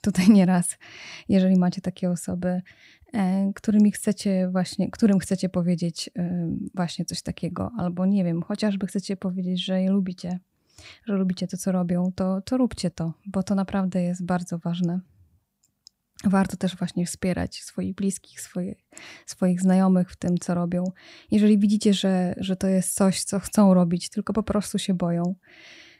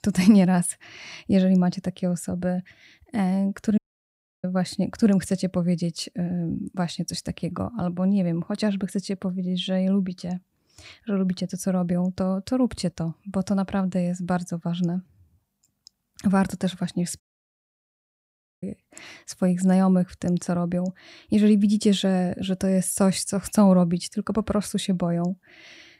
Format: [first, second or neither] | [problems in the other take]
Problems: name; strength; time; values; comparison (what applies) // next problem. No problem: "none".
first | audio cutting out; at 4 s for 0.5 s and at 17 s for 1.5 s